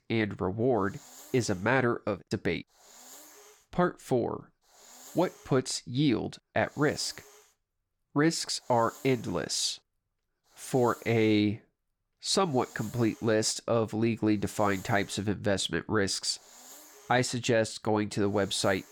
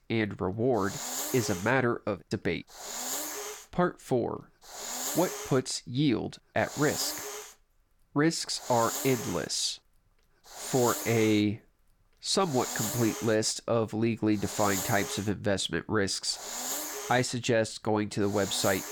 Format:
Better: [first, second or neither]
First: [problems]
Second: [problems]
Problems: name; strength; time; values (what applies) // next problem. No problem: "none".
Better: first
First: hiss; faint; throughout; 20 dB below the speech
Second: hiss; loud; throughout; 6 dB below the speech